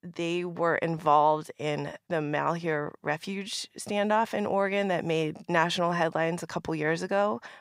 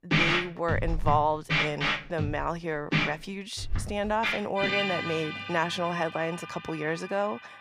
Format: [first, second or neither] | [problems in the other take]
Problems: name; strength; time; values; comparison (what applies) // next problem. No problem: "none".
first | background music; very loud; throughout; as loud as the speech